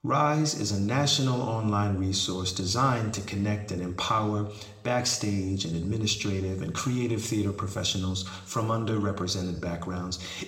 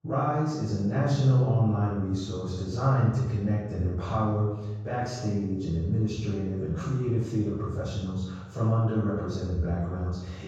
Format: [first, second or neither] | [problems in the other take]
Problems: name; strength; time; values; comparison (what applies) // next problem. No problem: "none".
first | room echo; strong; dies away in 1.3 s; slight in the first // off-mic speech; far